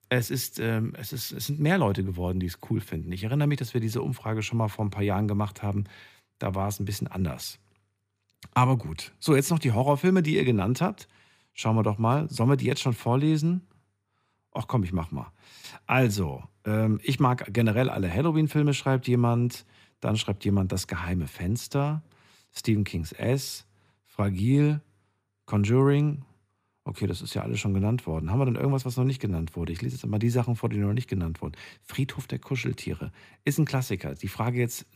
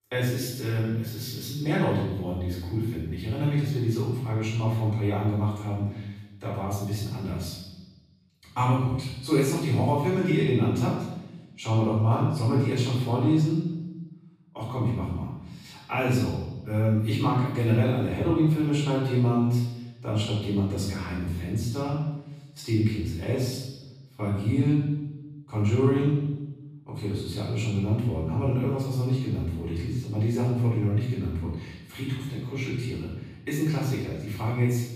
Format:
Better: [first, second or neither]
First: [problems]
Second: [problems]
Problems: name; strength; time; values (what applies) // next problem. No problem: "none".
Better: first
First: none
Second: off-mic speech; far // room echo; noticeable; dies away in 1 s